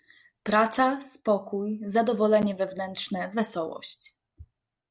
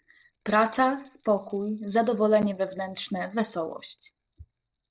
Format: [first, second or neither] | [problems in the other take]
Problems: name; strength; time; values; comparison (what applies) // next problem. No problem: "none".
first | noise reduction (neural separator model SepFormer DNS4)